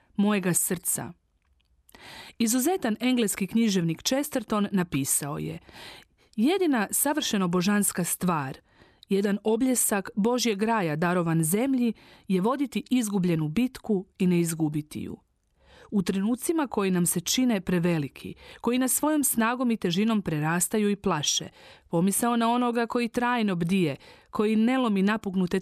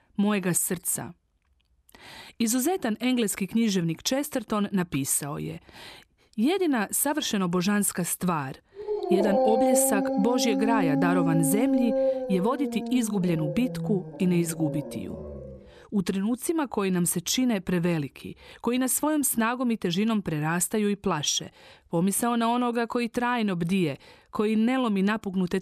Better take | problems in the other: first | dog barking; loud; from 9 to 16 s; peak 3 dB above the speech

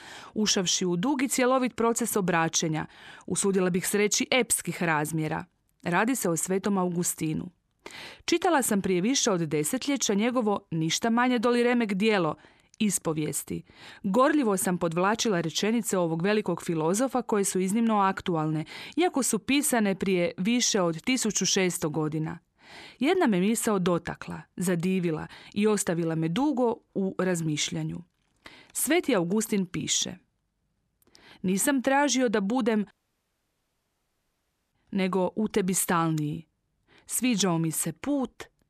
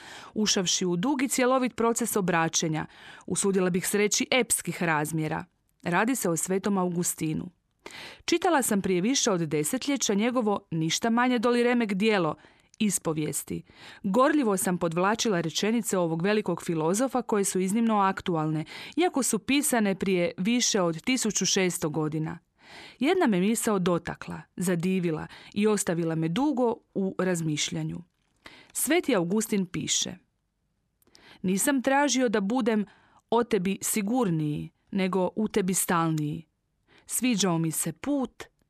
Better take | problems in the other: second | audio cutting out; at 33 s for 2 s

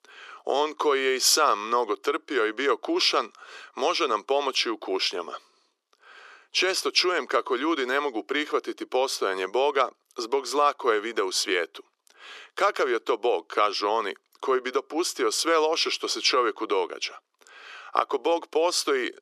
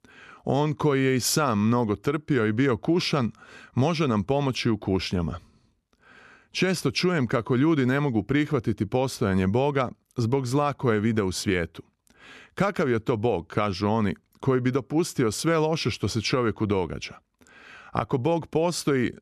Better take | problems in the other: second | thin; very; fading below 350 Hz

